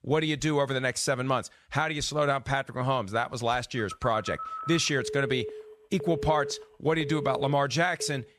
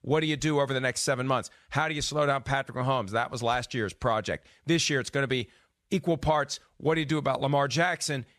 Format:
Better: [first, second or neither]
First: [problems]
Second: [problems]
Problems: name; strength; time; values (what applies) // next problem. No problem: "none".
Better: second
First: phone ringing; noticeable; from 4 s on; peak 7 dB below the speech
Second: none